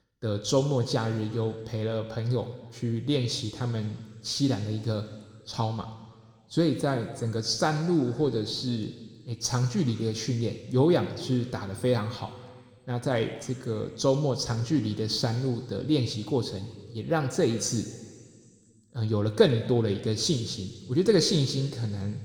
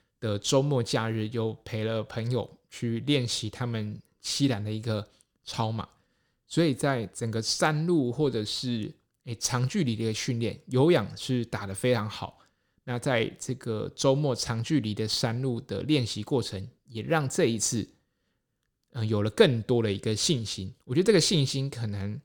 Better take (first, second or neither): second